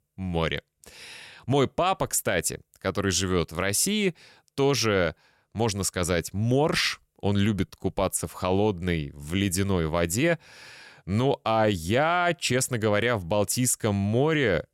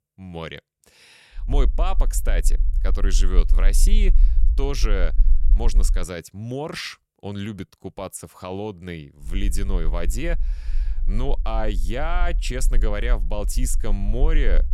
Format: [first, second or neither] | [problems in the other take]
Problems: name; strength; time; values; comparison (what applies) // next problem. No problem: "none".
first | low rumble; noticeable; from 1.5 to 6 s and from 9.5 s on; 20 dB below the speech